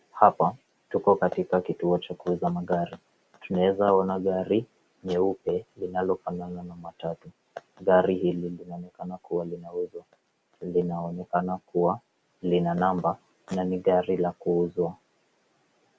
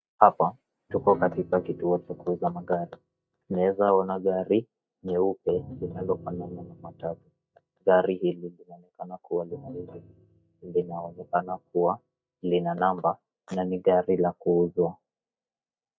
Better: first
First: none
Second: noise reduction (neural mask model DeepFilterNet 3)

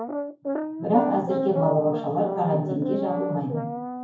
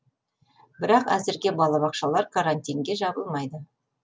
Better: second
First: background sound (Brass instrument); 4 dB below the speech // room echo; dies away in 0.9 s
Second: none

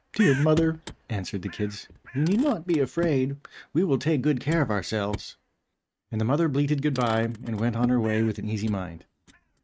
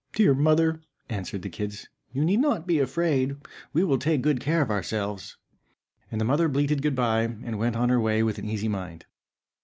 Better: second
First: noise reduction (neural mask model RNNoise)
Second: none

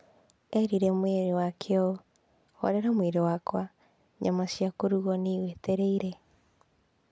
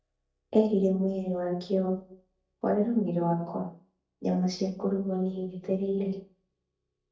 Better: first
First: none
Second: noise reduction (neural mask model DeepFilterNet 3)

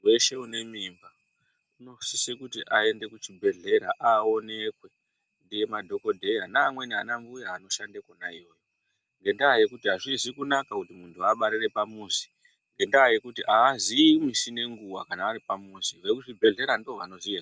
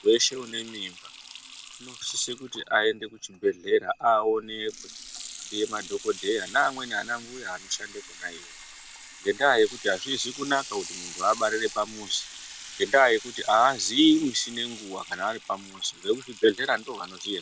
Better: first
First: none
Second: background sound (Sink (filling or washing) / Water tap, faucet); 16 dB below the speech

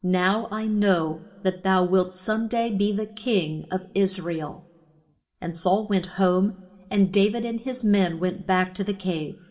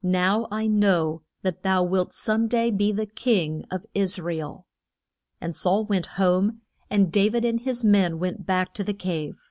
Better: second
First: room echo; dies away in 1.4 s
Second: none

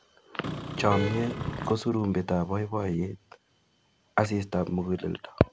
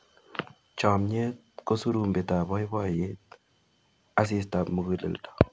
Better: second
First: background sound (Vehicle horn, car horn, honking); 4 dB below the speech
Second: none

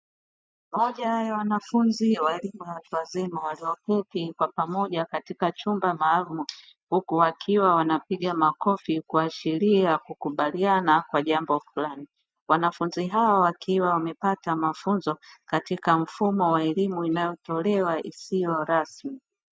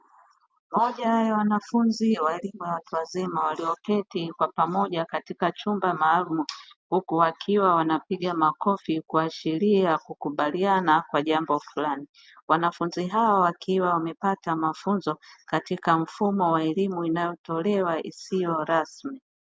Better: second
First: noise reduction (neural mask model DeepFilterNet 3)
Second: none

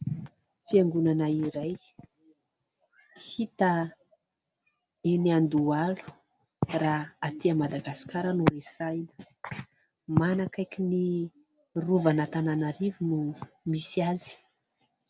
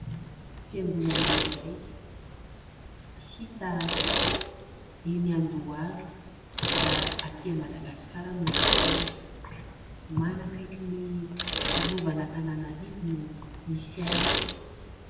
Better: first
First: none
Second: background sound (Bicycle); 2 dB above the speech // room echo; dies away in 1.3 s

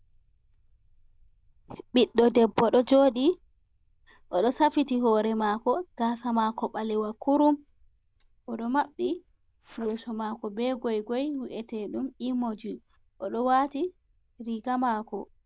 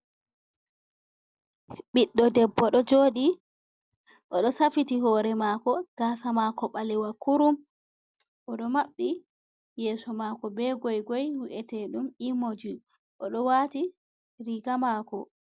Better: second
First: noise reduction (neural diffusion model UNIVERSE++)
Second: none

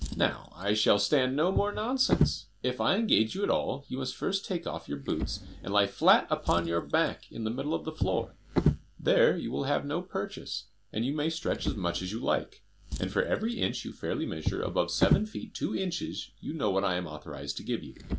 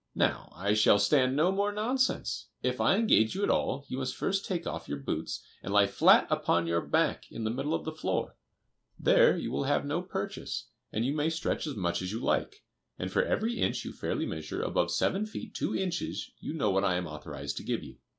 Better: second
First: background sound (Drawer open or close); 7 dB below the speech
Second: none

